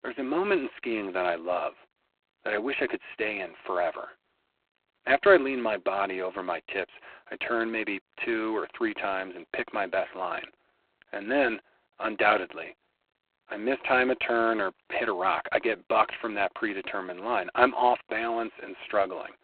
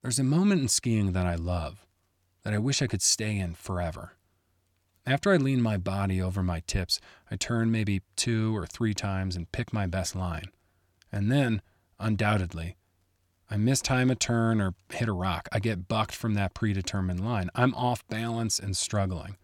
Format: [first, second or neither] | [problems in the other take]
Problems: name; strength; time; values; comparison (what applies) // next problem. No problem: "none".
second | phone-call audio; poor line; nothing above 4 kHz